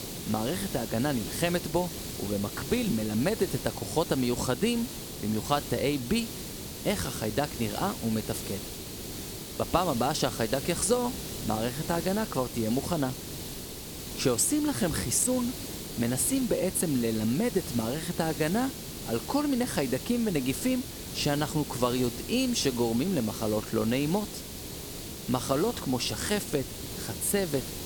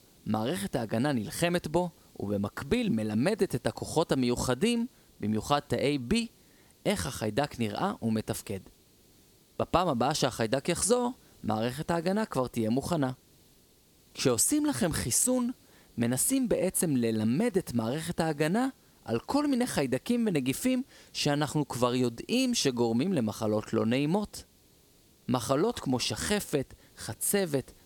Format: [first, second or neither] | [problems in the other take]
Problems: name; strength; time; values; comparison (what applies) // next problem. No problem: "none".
second | hiss; loud; throughout; 8 dB below the speech; faint in the second